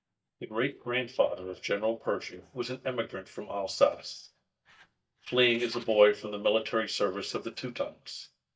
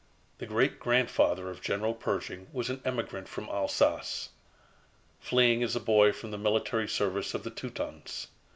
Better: second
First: noise reduction (neural mask model DeepFilterNet 3)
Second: none

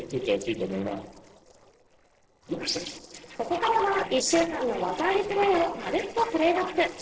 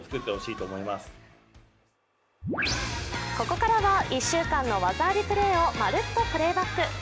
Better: second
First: noise reduction (neural separator model SepFormer DNS4)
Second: none

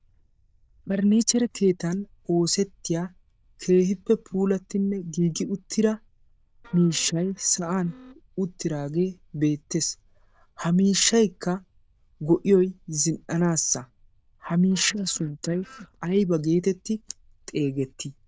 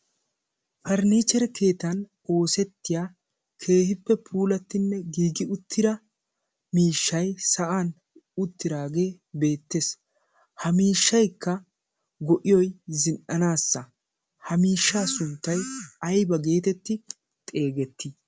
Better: second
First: noise reduction (neural diffusion model UNIVERSE++)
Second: none

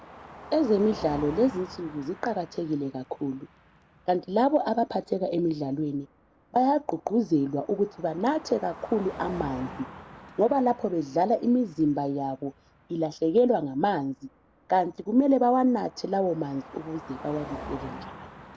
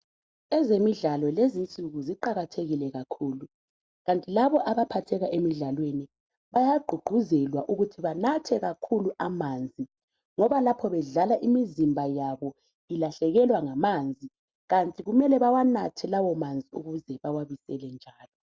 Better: second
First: background sound (Car passing by); 18 dB below the speech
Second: none

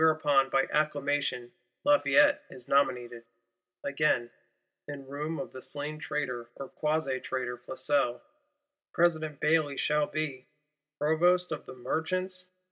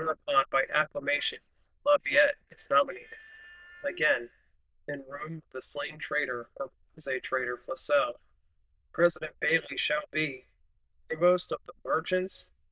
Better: first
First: none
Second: noise reduction (neural diffusion model UNIVERSE++)

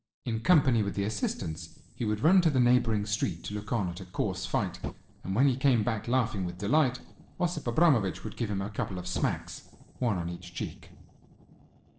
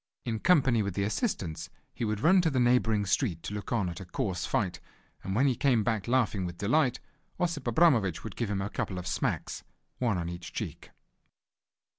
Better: second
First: noise reduction (neural separator model SepFormer DNS4)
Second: none

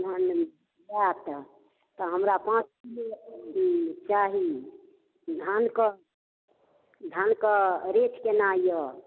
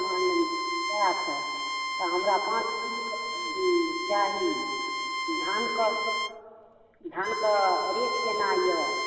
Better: first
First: none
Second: background sound (Bowed string instrument); 2 dB below the speech // room echo; dies away in 2.9 s

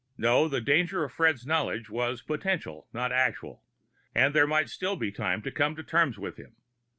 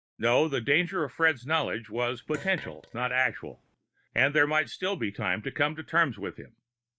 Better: first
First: none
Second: noise reduction (neural mask model DeepFilterNet 3)

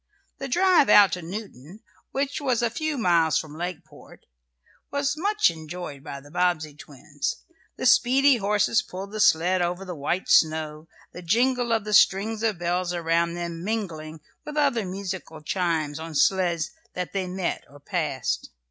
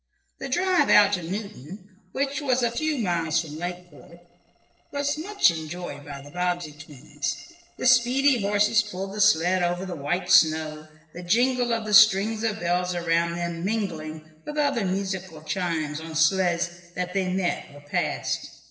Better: first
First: none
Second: noise reduction (neural separator model SepFormer DNS4)

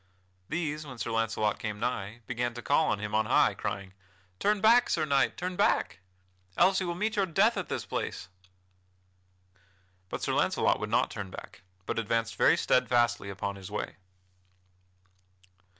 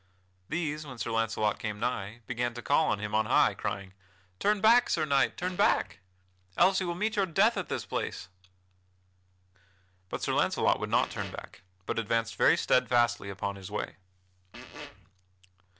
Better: first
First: none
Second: background sound (Fart); 13 dB below the speech

